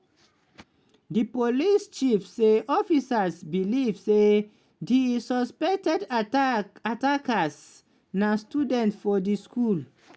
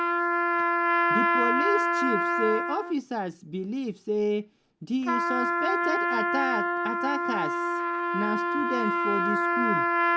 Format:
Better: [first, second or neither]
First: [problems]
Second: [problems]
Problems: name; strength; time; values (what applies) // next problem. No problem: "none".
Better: first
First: none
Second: background sound (Trumpet); 5 dB above the speech